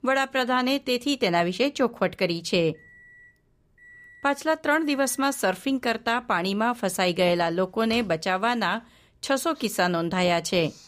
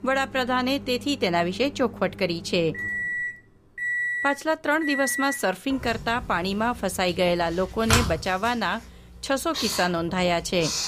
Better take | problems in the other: first | household noises; loud; throughout; 5 dB below the speech; faint in the first

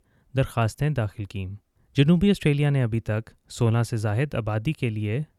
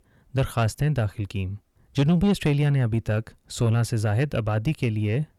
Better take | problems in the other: first | distortion; slight; 10 dB below the speech

